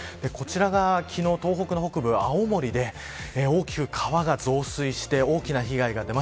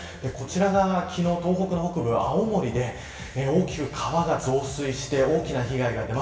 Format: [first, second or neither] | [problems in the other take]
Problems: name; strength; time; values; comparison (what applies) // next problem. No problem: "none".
first | room echo; dies away in 1.1 s